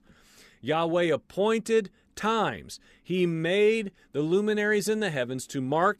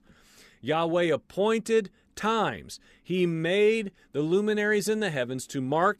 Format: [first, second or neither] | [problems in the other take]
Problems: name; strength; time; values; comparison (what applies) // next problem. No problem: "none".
neither | none